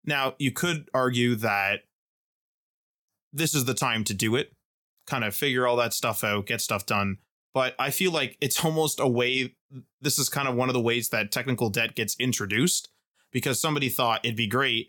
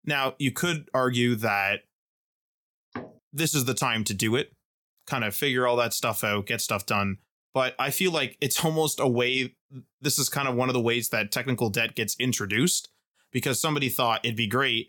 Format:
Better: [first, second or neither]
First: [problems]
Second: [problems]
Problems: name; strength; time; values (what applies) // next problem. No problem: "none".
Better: first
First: none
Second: door banging; faint; at 3 s; peak 15 dB below the speech